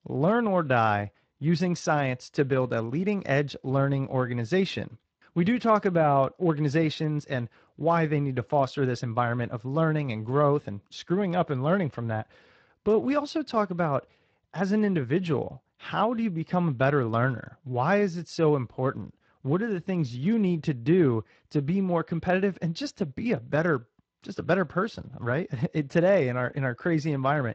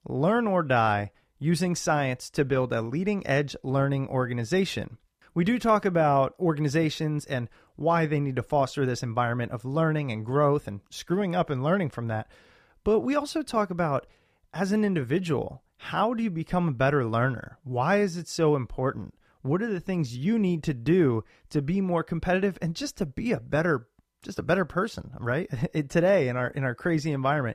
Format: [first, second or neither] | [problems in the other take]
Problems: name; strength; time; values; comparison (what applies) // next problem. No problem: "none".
second | garbled, watery; slightly